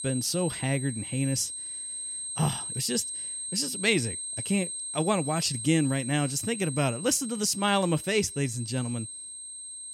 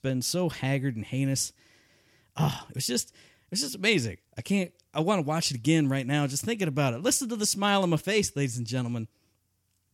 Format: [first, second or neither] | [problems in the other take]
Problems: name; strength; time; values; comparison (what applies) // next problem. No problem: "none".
second | high-pitched whine; loud; throughout; 8.5 kHz, 6 dB below the speech